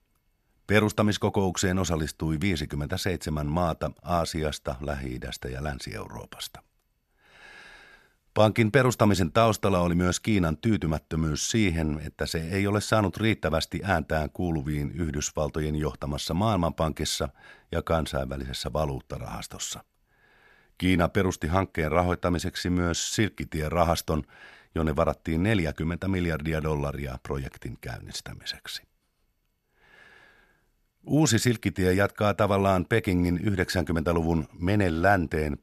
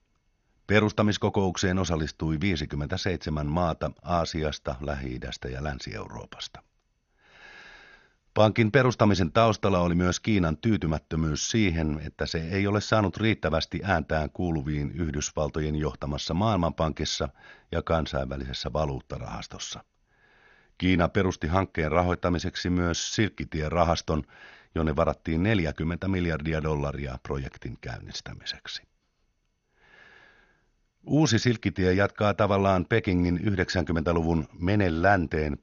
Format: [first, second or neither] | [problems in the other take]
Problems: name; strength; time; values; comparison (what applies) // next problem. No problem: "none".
first | garbled, watery; slightly; nothing above 6.5 kHz